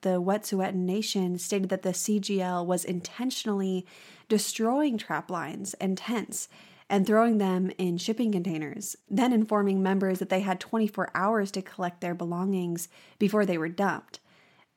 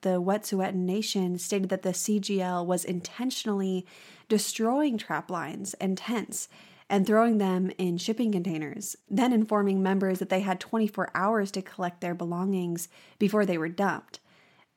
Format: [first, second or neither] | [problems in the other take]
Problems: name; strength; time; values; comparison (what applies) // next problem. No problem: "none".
neither | none